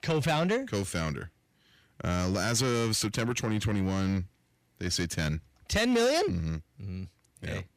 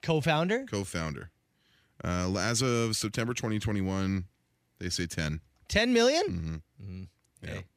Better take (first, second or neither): second